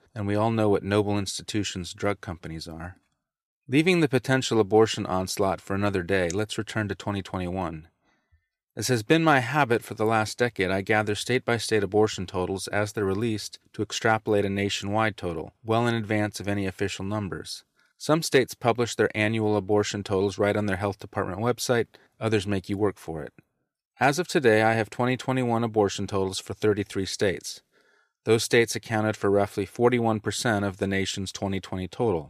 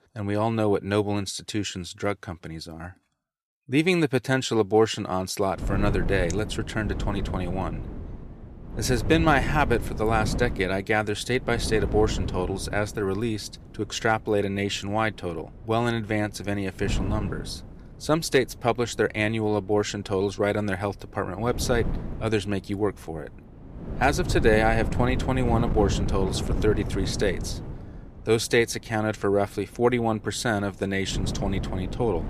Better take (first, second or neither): first